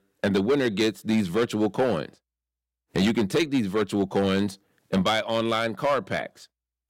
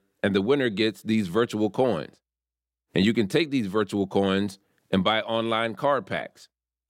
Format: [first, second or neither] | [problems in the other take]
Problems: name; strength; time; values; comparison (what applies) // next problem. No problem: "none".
second | distortion; slight; 6% of the sound clipped